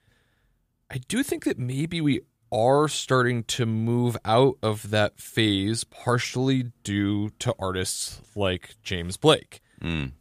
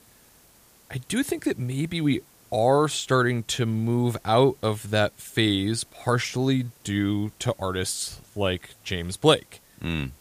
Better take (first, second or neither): first